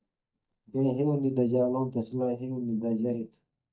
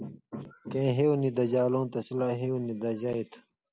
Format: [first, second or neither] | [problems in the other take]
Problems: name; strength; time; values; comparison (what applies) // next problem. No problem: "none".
second | noise reduction (neural mask model DeepFilterNet 3)